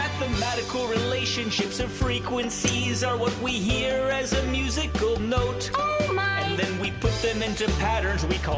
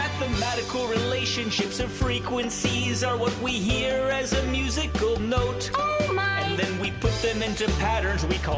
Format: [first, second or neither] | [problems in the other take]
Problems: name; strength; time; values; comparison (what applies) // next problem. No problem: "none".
second | background sound (Chink, clink); 18 dB below the speech